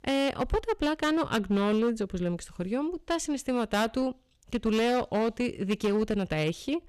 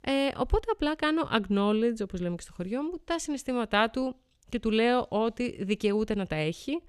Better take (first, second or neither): second